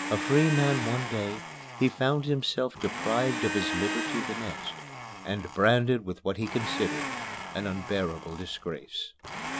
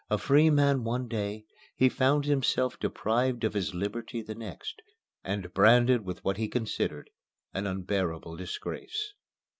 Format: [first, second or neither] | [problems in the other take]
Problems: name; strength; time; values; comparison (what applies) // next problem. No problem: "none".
second | background sound (Domestic sounds, home sounds); 6 dB below the speech